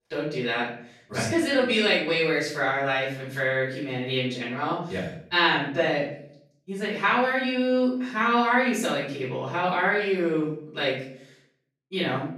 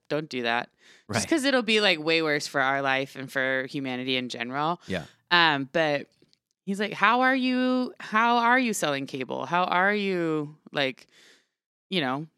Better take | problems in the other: second | off-mic speech; far // room echo; noticeable; dies away in 0.6 s

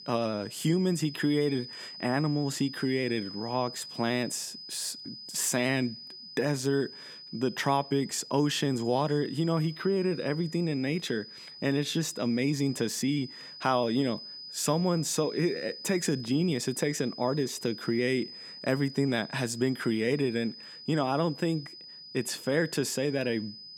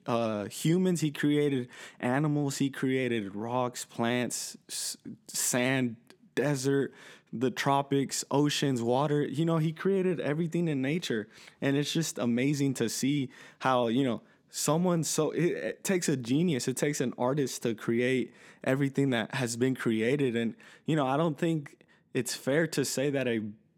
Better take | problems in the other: second | high-pitched whine; noticeable; throughout; 5 kHz, 15 dB below the speech

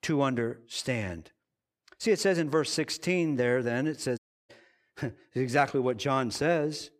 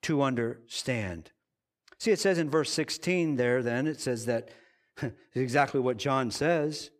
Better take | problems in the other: second | audio cutting out; at 4 s

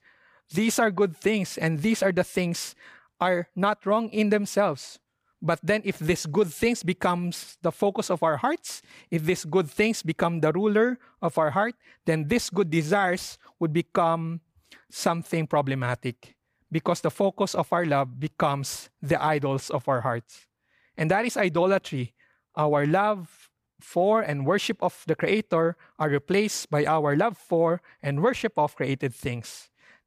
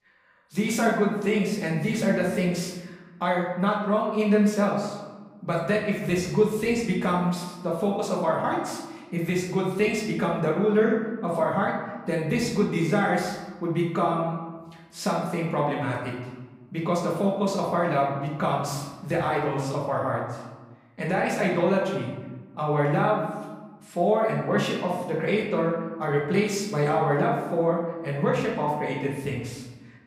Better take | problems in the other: first | room echo; noticeable; dies away in 1.1 s // off-mic speech; far

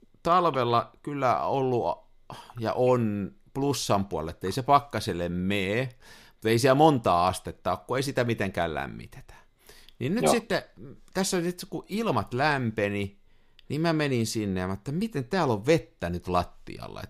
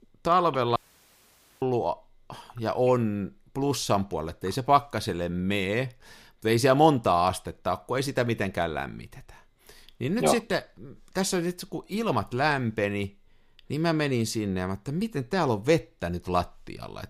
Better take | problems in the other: first | audio cutting out; at 1 s for 1 s

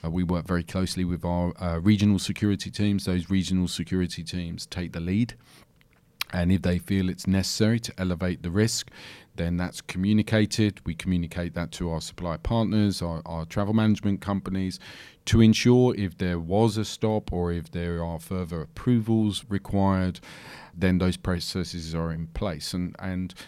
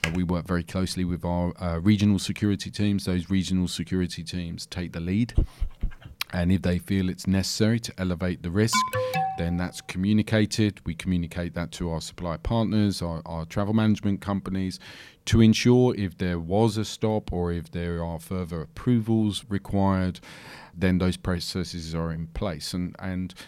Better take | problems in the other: first | keyboard typing; noticeable; at the start; peak 5 dB below the speech // dog barking; noticeable; at 5.5 s; peak 3 dB below the speech // alarm; loud; at 8.5 s; peak 1 dB above the speech

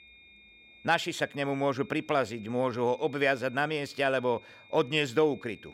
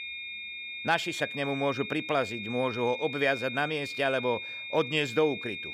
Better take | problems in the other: first | high-pitched whine; loud; throughout; 2.5 kHz, 6 dB below the speech; faint in the first

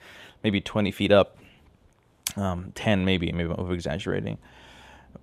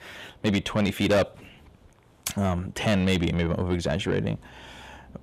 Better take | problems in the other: first | distortion; heavy; 7 dB below the speech

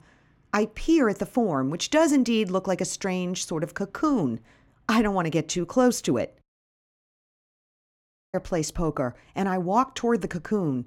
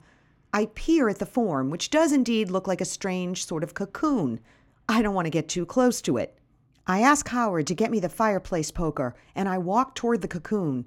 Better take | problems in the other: second | audio cutting out; at 6.5 s for 2 s

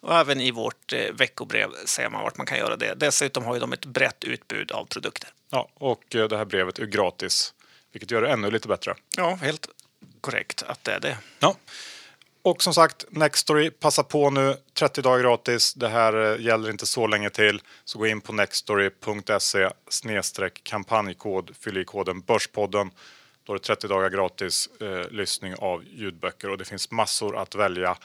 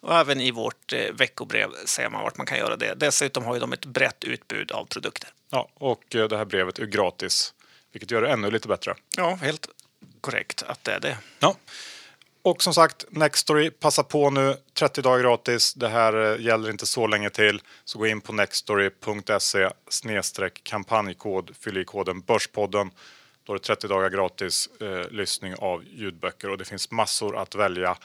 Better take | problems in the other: neither | thin; somewhat; fading below 750 Hz; the same in both

